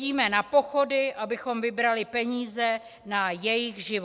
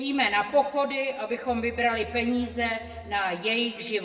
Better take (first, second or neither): first